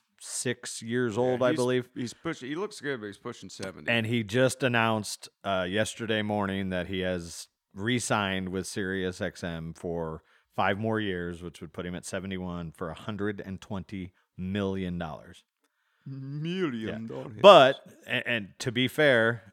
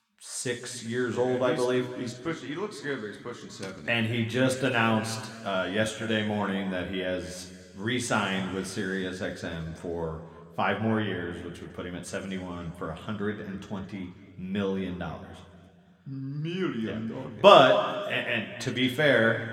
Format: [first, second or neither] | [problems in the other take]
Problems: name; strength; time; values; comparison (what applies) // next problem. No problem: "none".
first | room echo; slight; dies away in 2 s